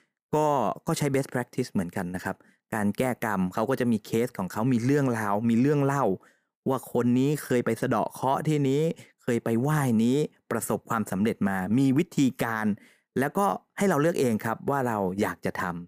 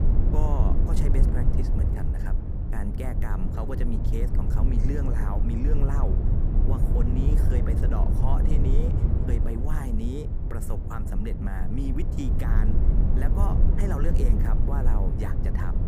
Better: first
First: none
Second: low rumble; loud; throughout; 1 dB below the speech

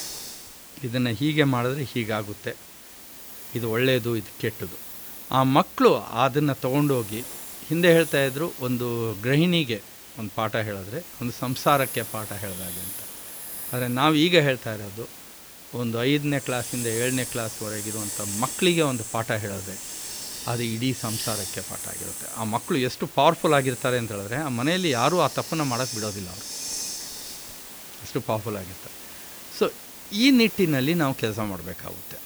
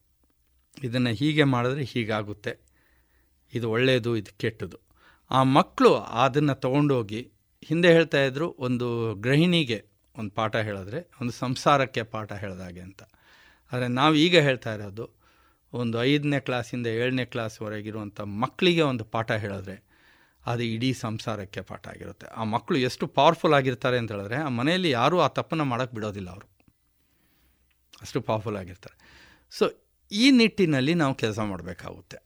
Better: second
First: hiss; loud; throughout; 10 dB below the speech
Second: none

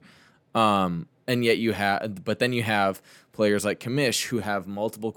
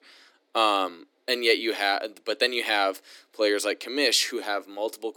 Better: first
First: none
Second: thin; somewhat; fading below 300 Hz

